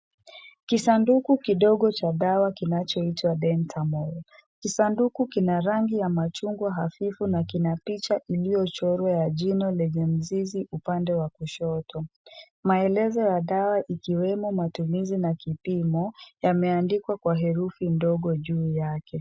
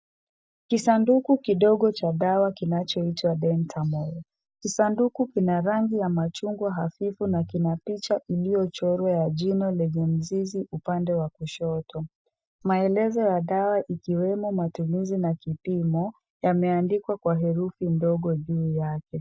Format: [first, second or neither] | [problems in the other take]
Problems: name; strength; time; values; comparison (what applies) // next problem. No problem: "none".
first | noise reduction (neural mask model DeepFilterNet 3)